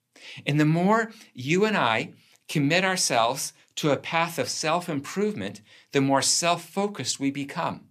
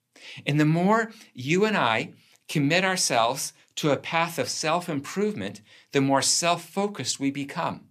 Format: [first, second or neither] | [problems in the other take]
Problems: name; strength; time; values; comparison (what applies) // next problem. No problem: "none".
neither | none